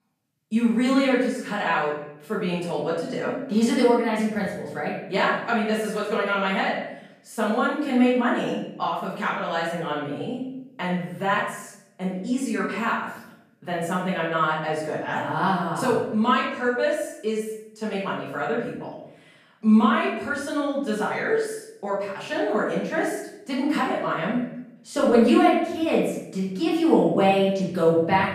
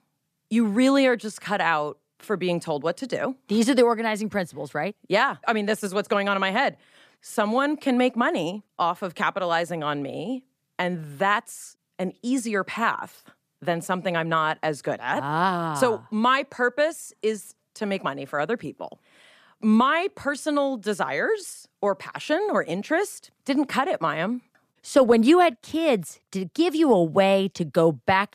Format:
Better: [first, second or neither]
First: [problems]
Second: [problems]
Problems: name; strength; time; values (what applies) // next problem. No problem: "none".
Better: second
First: room echo; noticeable; dies away in 0.7 s // off-mic speech; far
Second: none